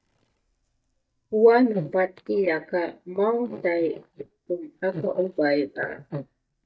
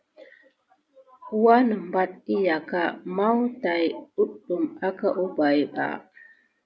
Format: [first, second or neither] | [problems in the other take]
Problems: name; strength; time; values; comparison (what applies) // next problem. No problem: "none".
second | noise reduction (neural mask model DeepFilterNet 3)